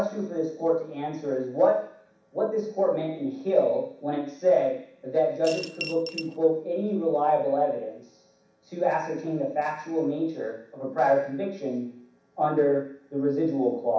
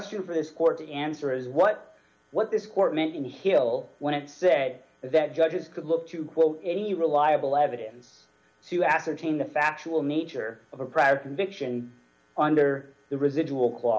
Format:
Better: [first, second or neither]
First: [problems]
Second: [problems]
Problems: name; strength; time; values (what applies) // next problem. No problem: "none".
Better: second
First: background sound (Coin (dropping) / Glass); 11 dB below the speech // room echo; dies away in 0.7 s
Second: none